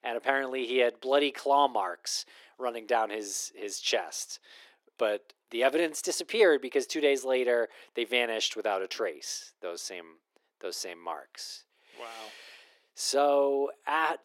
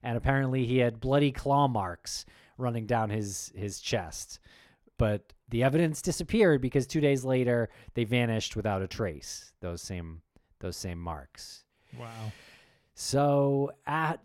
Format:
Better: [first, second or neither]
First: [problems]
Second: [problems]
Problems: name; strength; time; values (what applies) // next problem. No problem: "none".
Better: second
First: thin; very; fading below 350 Hz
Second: none